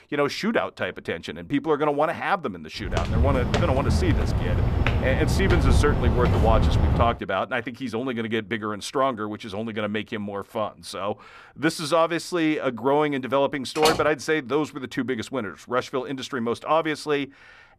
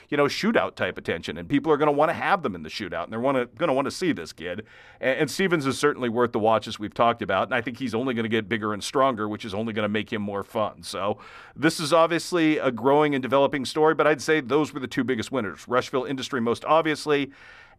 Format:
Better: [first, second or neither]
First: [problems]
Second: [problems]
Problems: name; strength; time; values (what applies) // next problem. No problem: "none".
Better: second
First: footsteps; loud; from 3 to 7 s; peak 5 dB above the speech // door banging; loud; at 14 s; peak 1 dB above the speech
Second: none